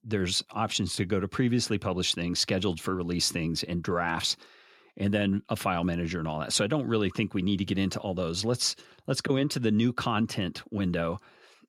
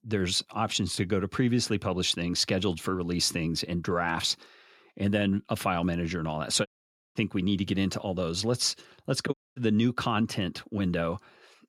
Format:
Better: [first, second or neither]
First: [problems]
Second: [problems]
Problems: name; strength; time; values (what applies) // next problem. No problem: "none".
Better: first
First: none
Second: audio cutting out; at 6.5 s and at 9.5 s